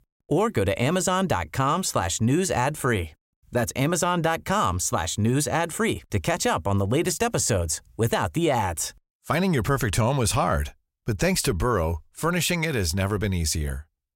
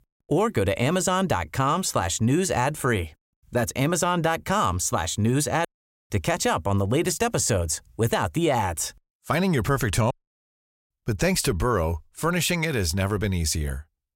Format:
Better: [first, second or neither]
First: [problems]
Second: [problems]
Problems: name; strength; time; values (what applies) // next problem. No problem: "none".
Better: first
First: none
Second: audio cutting out; at 5.5 s and at 10 s for 1 s